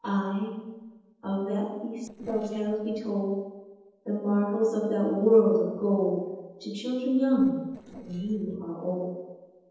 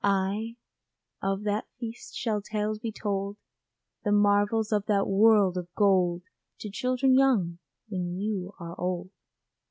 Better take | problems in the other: second | noise reduction (neural separator model SepFormer DNS4)

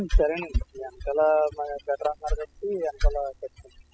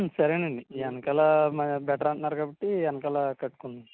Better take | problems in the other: second | noise reduction (classical method spectral subtraction)

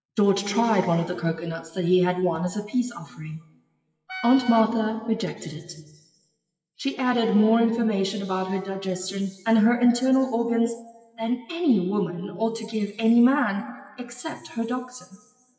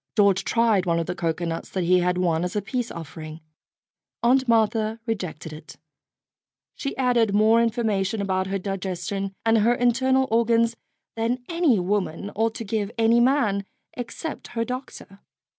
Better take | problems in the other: second | noise reduction (classical method WPE with log-MMSE)

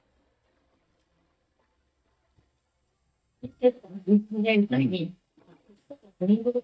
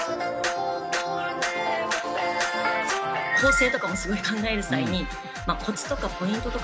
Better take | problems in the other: second | noise reduction (neural mask model DeepFilterNet 3)

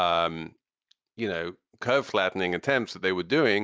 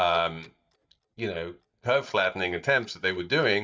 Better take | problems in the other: first | noise reduction (neural mask model DeepFilterNet 3)

